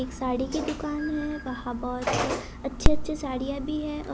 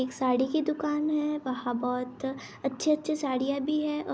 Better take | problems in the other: second | background sound (Telephone); 3 dB above the speech

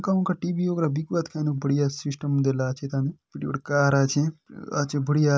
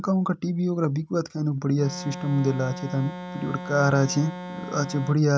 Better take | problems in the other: first | background sound (Organ); 11 dB below the speech

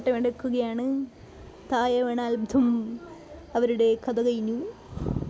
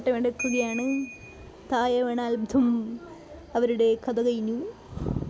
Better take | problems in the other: first | background sound (Ringtone / Bell); 10 dB below the speech

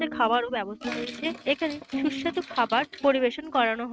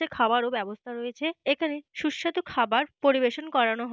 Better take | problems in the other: second | noise reduction (neural mask model RNNoise)

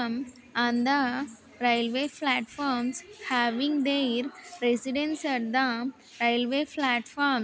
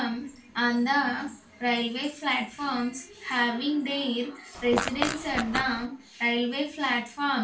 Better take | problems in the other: first | background sound (Fart); 3 dB below the speech // room echo; dies away in 0.3 s

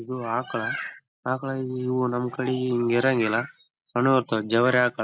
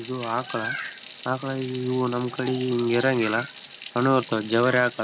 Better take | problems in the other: first | background sound (Sink (filling or washing) / Water tap, faucet); 17 dB below the speech

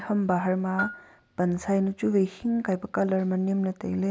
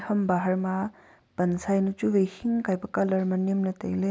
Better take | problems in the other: second | background sound (Bell); 14 dB below the speech

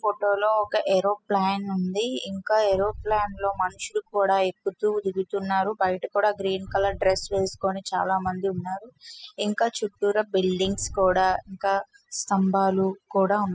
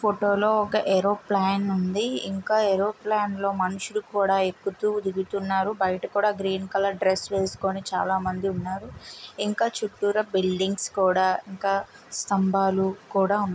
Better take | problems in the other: second | noise reduction (classical method spectral subtraction)

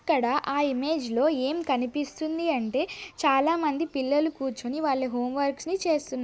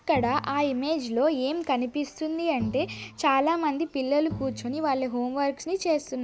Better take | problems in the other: first | background sound (Bowed string instrument); 15 dB below the speech

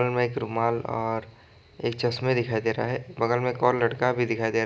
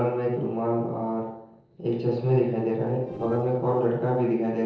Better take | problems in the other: first | noise reduction (neural separator model SepFormer DNS4)

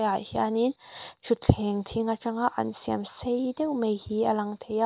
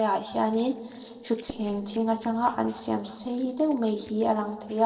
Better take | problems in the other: first | noise reduction (neural separator model SepFormer DNS4)

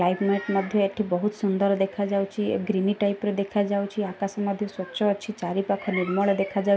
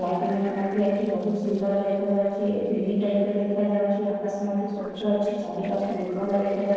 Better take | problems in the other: first | noise reduction (neural separator model SepFormer DNS4)

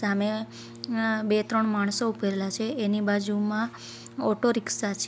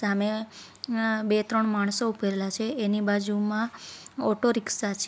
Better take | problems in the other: second | background sound (Brass instrument); 19 dB below the speech

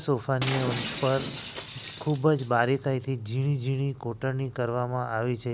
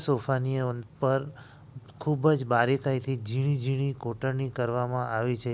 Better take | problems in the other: second | background sound (Shatter); 11 dB below the speech

